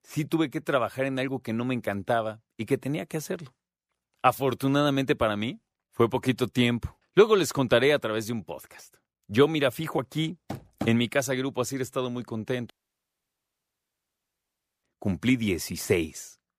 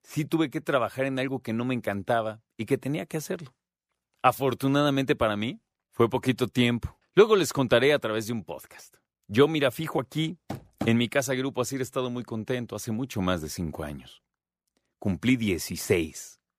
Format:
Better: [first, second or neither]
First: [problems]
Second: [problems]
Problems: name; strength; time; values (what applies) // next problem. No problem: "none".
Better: second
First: audio cutting out; at 13 s for 2 s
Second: none